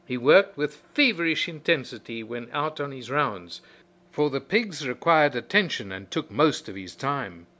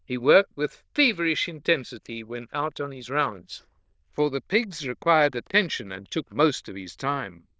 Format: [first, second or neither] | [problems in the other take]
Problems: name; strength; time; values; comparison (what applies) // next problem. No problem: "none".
first | noise reduction (neural diffusion model UNIVERSE++)